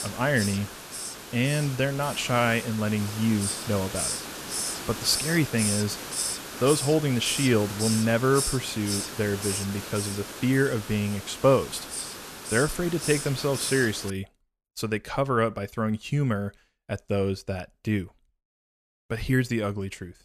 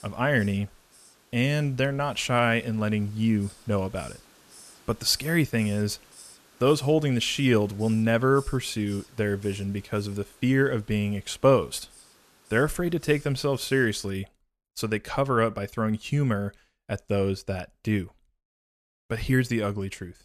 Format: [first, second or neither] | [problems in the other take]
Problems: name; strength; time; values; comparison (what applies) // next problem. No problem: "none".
second | hiss; loud; until 14 s; 5 dB below the speech; faint in the second